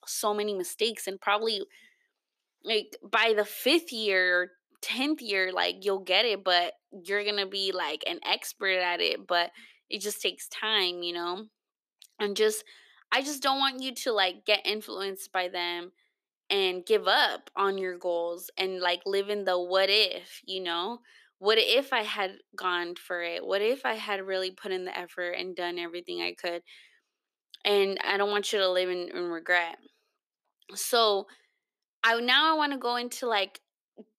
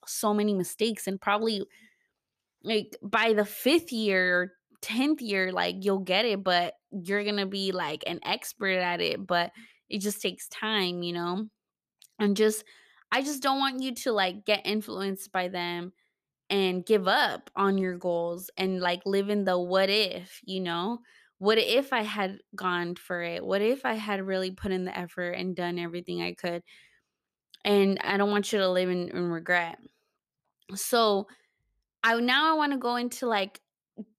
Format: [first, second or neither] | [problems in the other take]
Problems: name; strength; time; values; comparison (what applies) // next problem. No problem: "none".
second | thin; somewhat; fading below 300 Hz